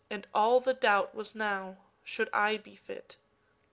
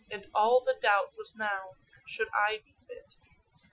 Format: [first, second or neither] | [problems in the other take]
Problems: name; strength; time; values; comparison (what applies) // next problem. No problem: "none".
first | noise reduction (classical method Wiener filter)